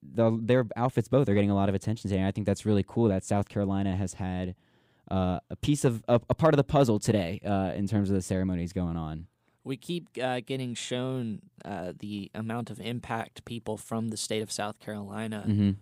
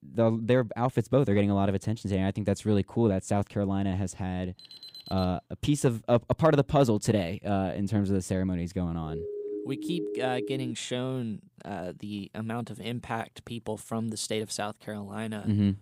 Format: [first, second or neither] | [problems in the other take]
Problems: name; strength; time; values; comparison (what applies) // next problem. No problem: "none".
first | alarm; faint; at 4.5 s; peak 15 dB below the speech // siren; noticeable; from 9 to 11 s; peak 5 dB below the speech